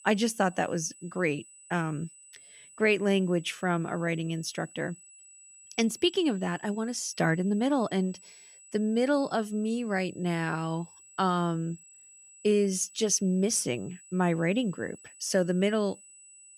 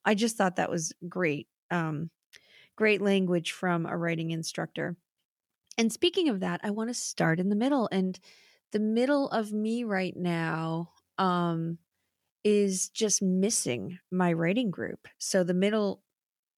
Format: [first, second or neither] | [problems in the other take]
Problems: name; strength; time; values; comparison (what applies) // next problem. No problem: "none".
second | high-pitched whine; faint; throughout; 8 kHz, 20 dB below the speech